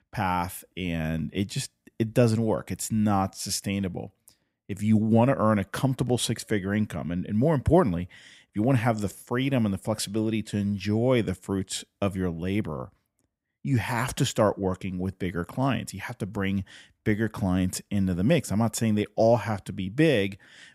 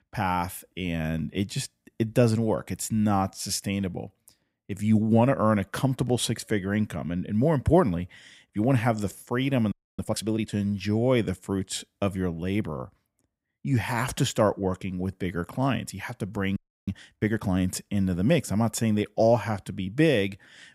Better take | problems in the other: first | audio freezing; at 9.5 s and at 17 s

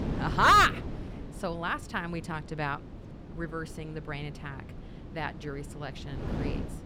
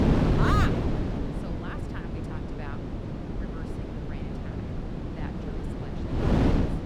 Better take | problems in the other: first | wind noise on the microphone; heavy; as loud as the speech; occasional gusts in the first

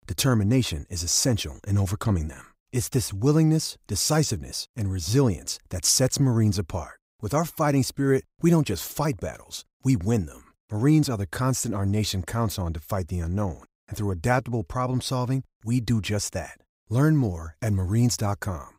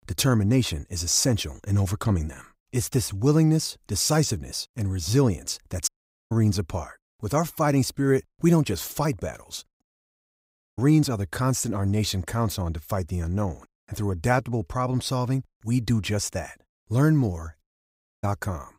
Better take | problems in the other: first | audio cutting out; at 6 s, at 10 s for 1 s and at 18 s for 0.5 s

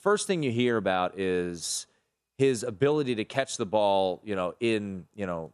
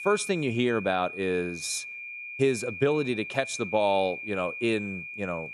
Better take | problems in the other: first | high-pitched whine; loud; throughout; 2.5 kHz, 9 dB below the speech

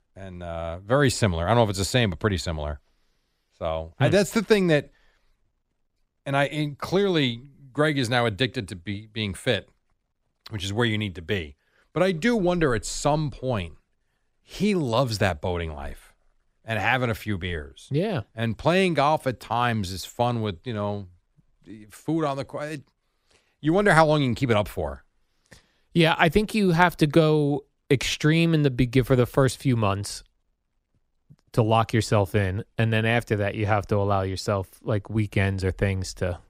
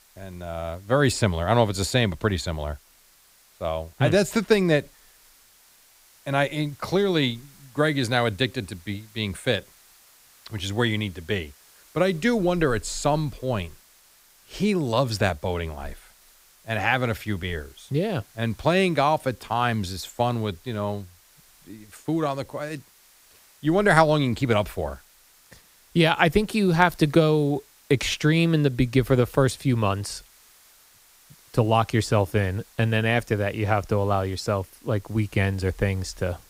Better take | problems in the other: first | hiss; faint; throughout; 30 dB below the speech

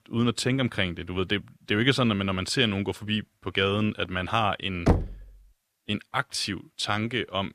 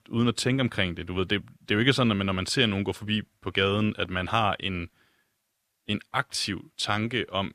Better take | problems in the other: second | door banging; loud; at 5 s; peak 2 dB above the speech

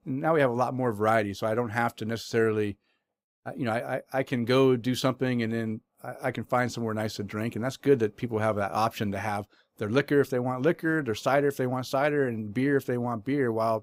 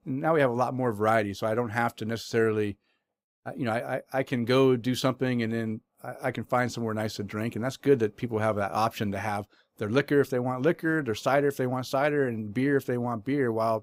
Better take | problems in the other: neither | none

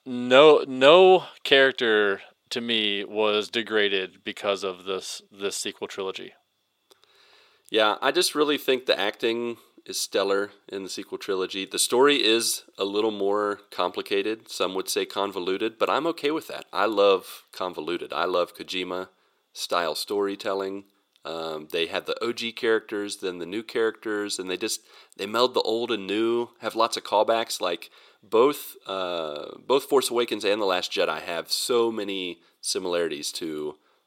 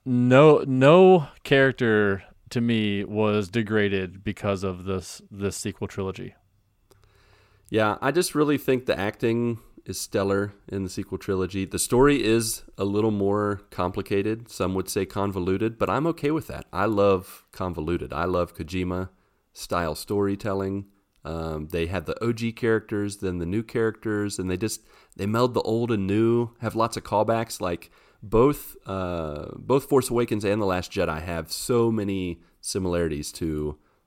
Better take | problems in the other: second | thin; somewhat; fading below 450 Hz

